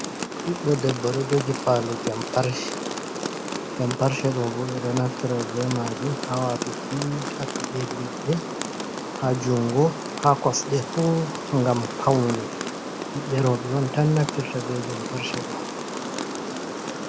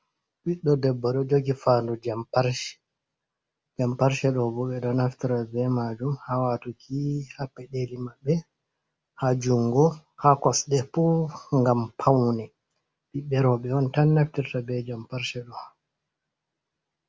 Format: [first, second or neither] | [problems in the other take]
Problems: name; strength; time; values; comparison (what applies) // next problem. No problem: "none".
second | background sound (Rain); 5 dB below the speech